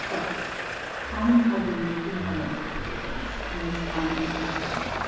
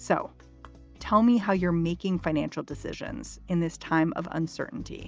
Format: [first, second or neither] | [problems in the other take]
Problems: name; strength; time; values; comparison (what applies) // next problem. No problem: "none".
second | background sound (Traffic noise, roadway noise); 4 dB below the speech // room echo; dies away in 1.3 s